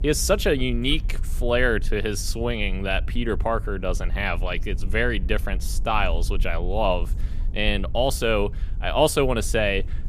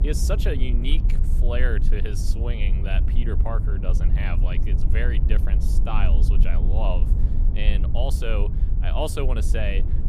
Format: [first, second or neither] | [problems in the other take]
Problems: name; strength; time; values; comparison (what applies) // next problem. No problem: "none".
first | low rumble; loud; throughout; 8 dB below the speech; faint in the first